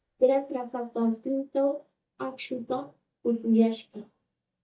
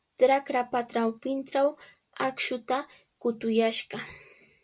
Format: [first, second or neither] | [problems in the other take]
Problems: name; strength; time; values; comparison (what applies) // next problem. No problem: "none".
second | noise reduction (neural mask model DeepFilterNet 3)